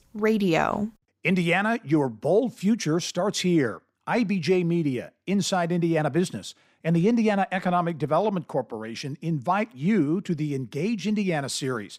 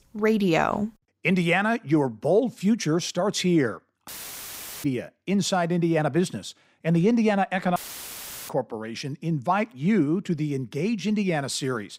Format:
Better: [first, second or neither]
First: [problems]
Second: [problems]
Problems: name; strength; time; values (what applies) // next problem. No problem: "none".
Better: first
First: none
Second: audio cutting out; filled with static; at 4 s for 1 s and at 8 s for 0.5 s